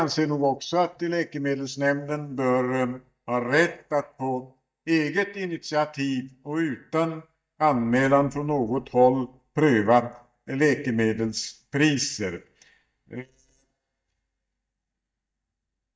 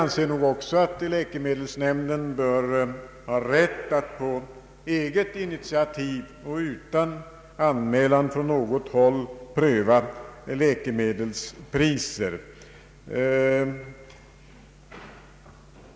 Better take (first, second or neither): second